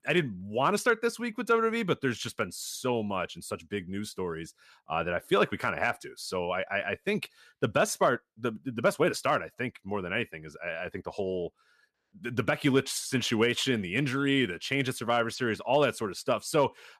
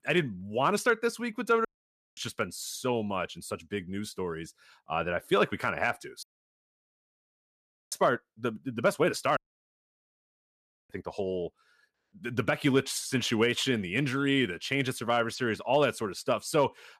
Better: first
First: none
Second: audio cutting out; at 1.5 s for 0.5 s, at 6 s for 1.5 s and at 9.5 s for 1.5 s

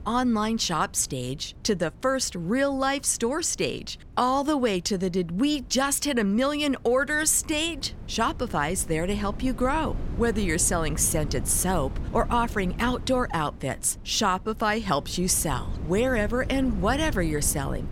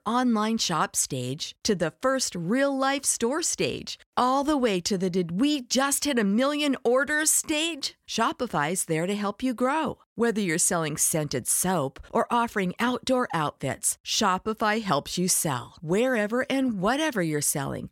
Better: second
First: wind noise on the microphone; occasional gusts; 20 dB below the speech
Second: none

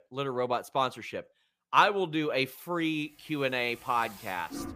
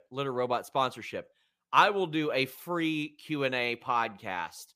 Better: second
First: household noises; noticeable; from 3.5 s on; 20 dB below the speech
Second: none

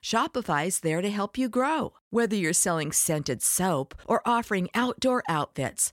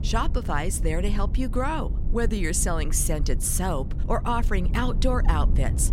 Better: first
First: none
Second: low rumble; noticeable; throughout; 15 dB below the speech

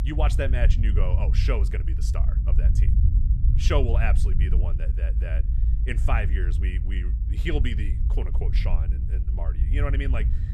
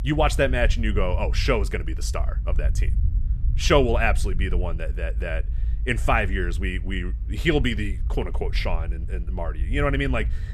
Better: second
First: low rumble; loud; throughout; 9 dB below the speech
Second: low rumble; faint; throughout; 20 dB below the speech

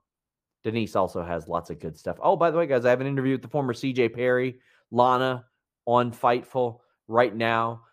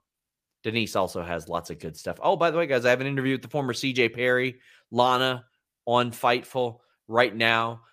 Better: second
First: muffled; slightly; fading above 1.5 kHz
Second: none

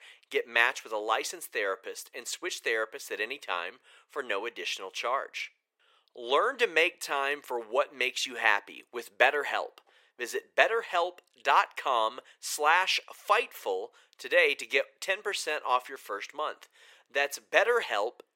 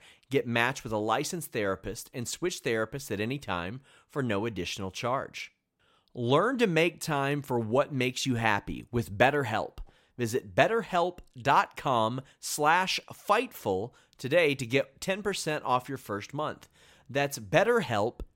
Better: second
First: thin; very; fading below 450 Hz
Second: none

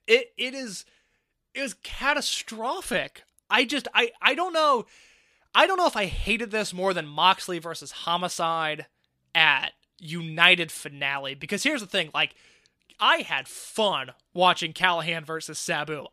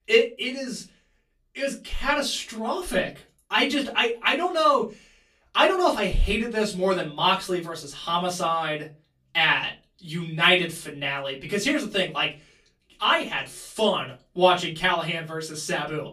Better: first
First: none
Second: off-mic speech; far // room echo; very slight; dies away in 0.2 s

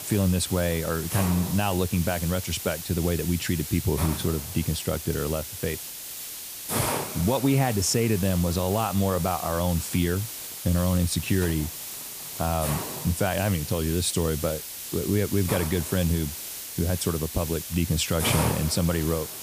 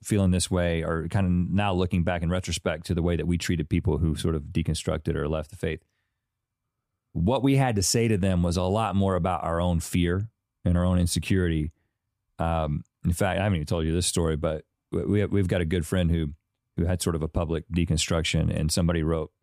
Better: second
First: hiss; loud; throughout; 6 dB below the speech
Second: none

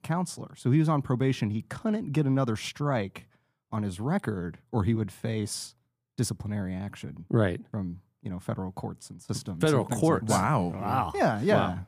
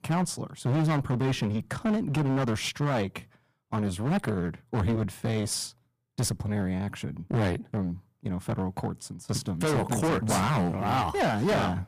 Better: first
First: none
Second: distortion; heavy; 17% of the sound clipped

